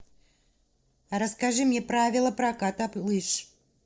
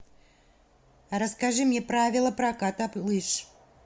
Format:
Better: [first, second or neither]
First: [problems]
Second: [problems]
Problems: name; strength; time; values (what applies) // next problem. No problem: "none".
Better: second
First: noise reduction (neural separator model SepFormer DNS4)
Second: none